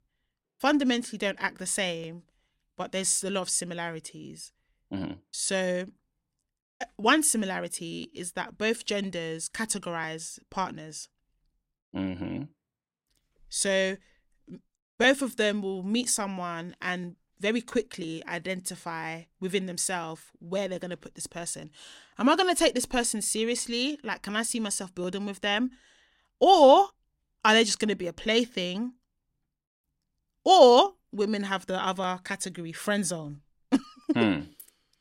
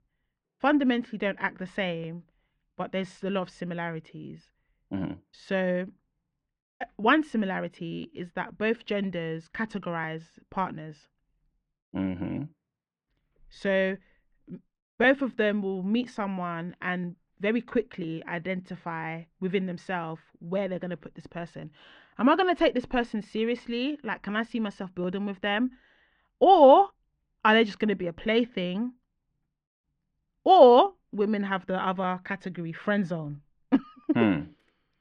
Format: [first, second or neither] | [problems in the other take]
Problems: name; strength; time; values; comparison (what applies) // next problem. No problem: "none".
first | muffled; very; fading above 2.5 kHz